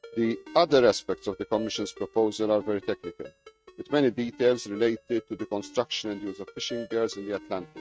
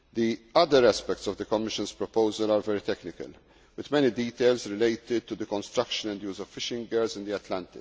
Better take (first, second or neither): second